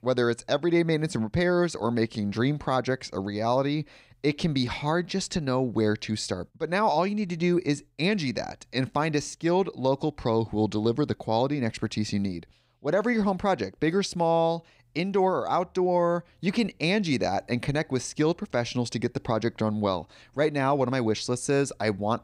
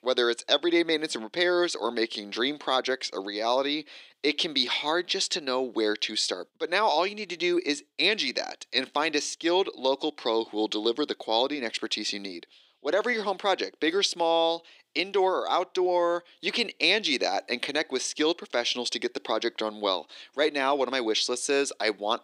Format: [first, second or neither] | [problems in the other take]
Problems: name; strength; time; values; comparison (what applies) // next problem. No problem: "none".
first | thin; somewhat; fading below 350 Hz